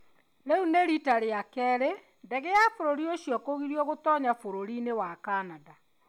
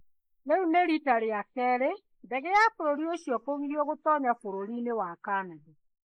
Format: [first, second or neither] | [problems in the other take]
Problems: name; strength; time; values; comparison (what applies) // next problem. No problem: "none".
first | noise reduction (neural mask model Resemble Enhance denoiser)